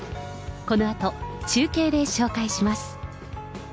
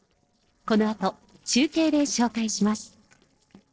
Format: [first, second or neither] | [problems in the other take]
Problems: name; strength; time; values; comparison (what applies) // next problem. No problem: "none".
first | noise reduction (neural separator model SepFormer DNS4)